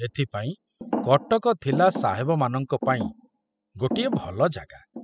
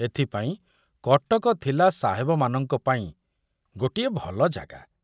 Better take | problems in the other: second | noise reduction (classical method spectral subtraction)

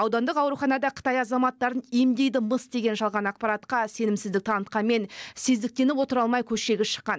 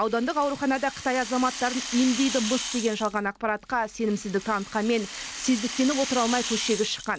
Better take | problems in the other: first | background sound (Rattle (instrument)); 9 dB below the speech

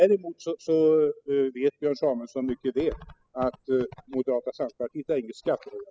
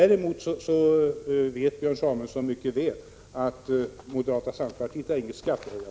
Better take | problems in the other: second | noise reduction (classical method spectral subtraction)

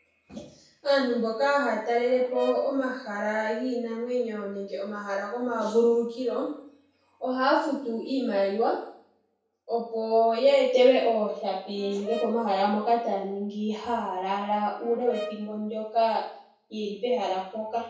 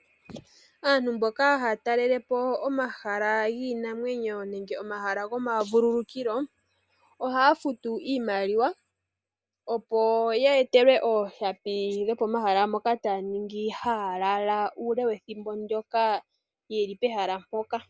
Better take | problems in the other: second | background sound (Brass instrument); 14 dB below the speech // room echo; dies away in 0.6 s

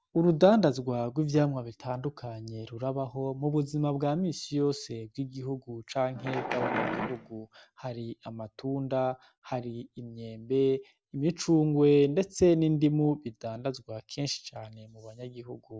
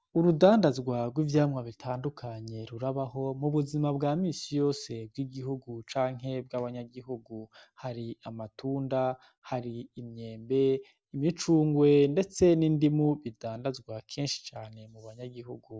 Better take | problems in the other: second | background sound (Wild animals); 5 dB below the speech

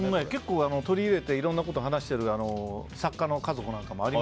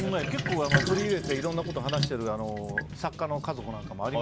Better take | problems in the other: first | background sound (Sink (filling or washing)); 2 dB below the speech

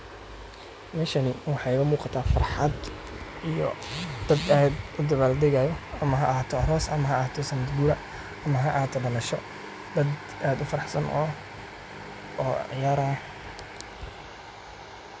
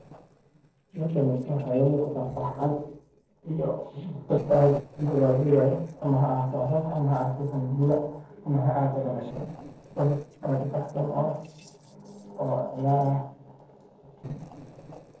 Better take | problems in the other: first | noise reduction (neural separator model SepFormer DNS4)

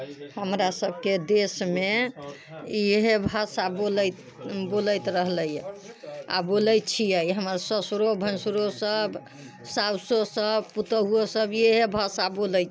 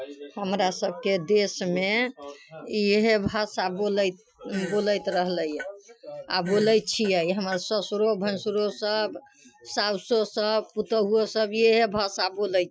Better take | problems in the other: first | noise reduction (classical method Wiener filter)

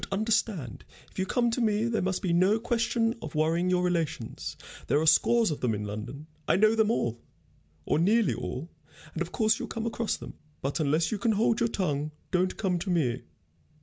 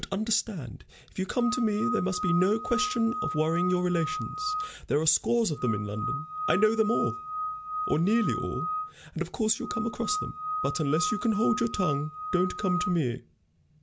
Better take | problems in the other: first | background sound (Screech / Glass); 5 dB below the speech

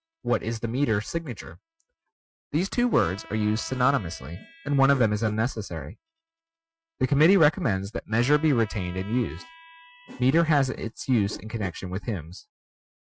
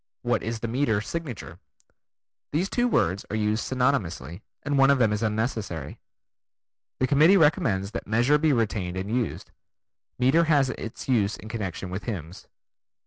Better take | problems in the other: second | noise reduction (classical method Wiener filter)

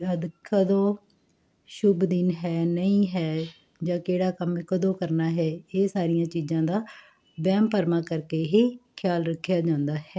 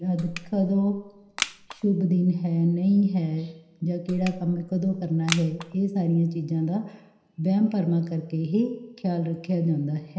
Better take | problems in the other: first | background sound (Crushing); 11 dB below the speech // room echo; dies away in 0.9 s

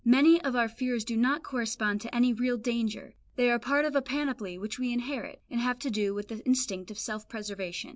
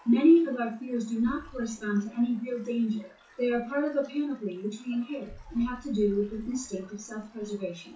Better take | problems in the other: first | noise reduction (classical method WPE with log-MMSE)

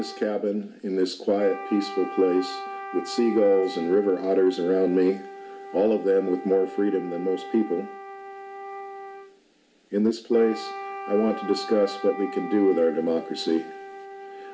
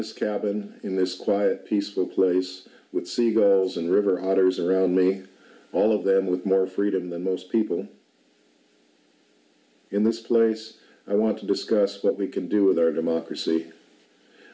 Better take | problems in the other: second | background sound (Wind instrument, woodwind instrument); 13 dB below the speech

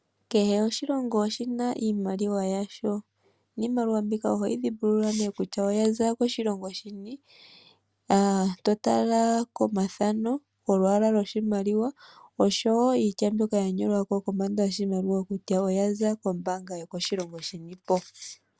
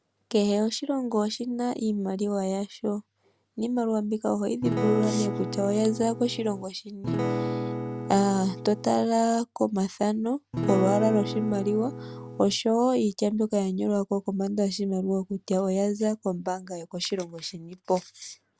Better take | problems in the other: first | background sound (Acoustic guitar / Strum); 5 dB below the speech

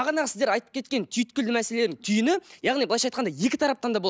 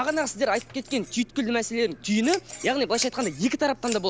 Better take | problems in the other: first | background sound (Scissors); 15 dB below the speech

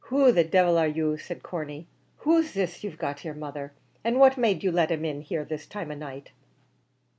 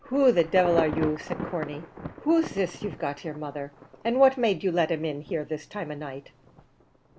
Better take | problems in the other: first | background sound (Thunder / Traffic noise, roadway noise / Rain / Insect); 12 dB below the speech

